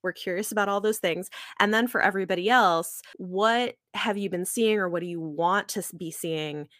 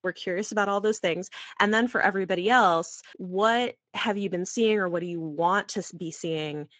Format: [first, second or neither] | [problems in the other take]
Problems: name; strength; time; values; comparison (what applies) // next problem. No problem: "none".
first | garbled, watery; slightly; nothing above 7.5 kHz